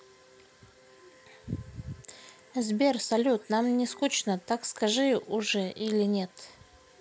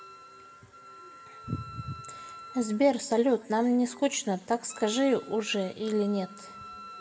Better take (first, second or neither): first